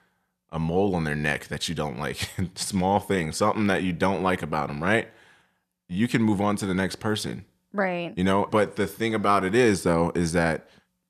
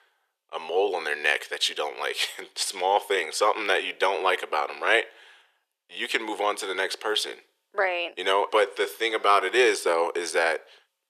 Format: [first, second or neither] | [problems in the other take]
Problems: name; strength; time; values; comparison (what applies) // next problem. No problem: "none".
first | thin; very; fading below 400 Hz